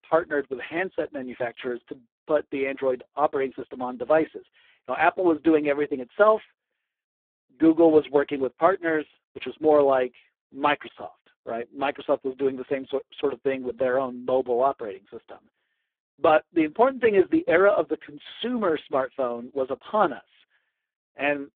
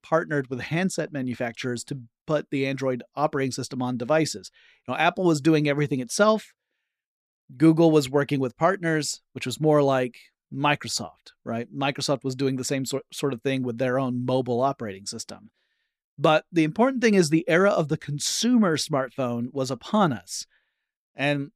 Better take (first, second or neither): second